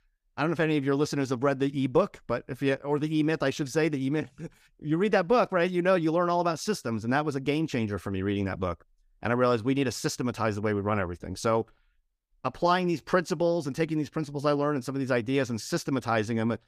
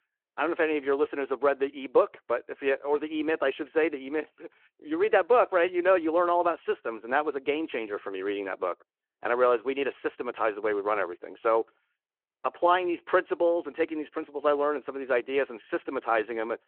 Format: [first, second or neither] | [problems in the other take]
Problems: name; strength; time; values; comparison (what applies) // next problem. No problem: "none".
first | phone-call audio